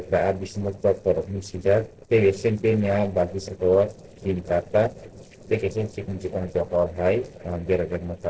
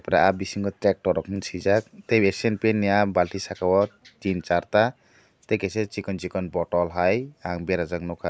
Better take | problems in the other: second | noise reduction (neural separator model SepFormer DNS4)

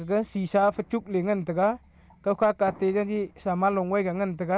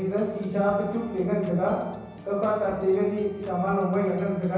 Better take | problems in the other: first | background sound (Organ); 19 dB below the speech // room echo; dies away in 1.1 s

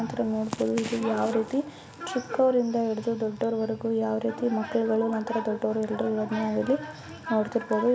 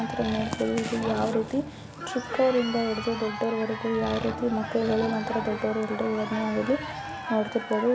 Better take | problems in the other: first | background sound (Crowd + Accelerating, revving, vroom); 9 dB below the speech

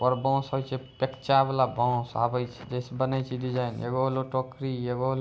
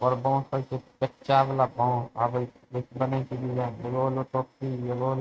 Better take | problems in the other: first | noise reduction (neural mask model RNNoise)

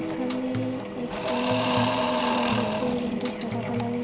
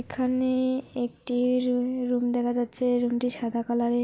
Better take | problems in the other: second | background sound (Acoustic guitar + Engine / Drill / Mechanisms); 2 dB above the speech

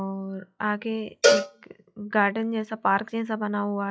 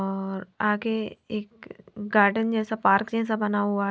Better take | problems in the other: second | noise reduction (classical method log-MMSE)

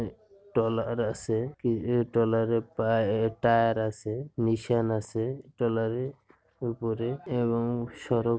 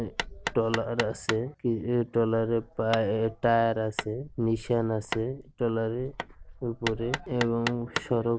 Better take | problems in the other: first | background sound (Hammer); 10 dB below the speech

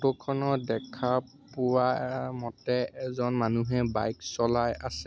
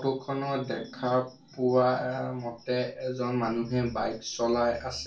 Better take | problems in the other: first | room echo; dies away in 0.3 s

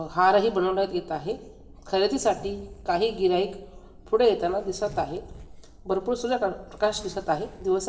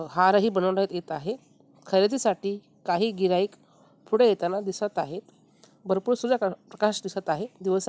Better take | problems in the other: second | background sound (Zipper (clothing)); 20 dB below the speech // room echo; dies away in 0.8 s

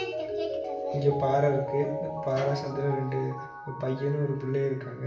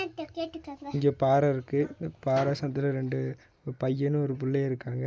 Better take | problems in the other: second | background sound (Mallet percussion); 6 dB below the speech // room echo; dies away in 0.7 s

